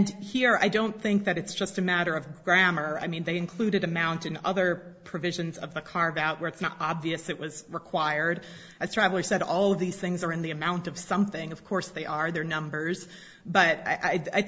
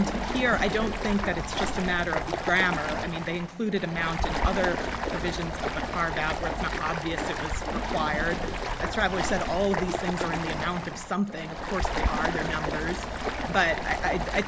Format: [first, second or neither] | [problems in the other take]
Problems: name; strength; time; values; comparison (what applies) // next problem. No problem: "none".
first | background sound (Stream); 1 dB below the speech